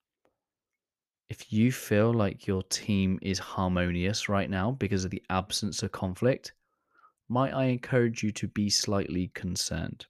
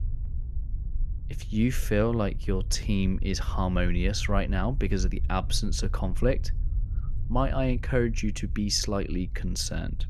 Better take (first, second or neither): first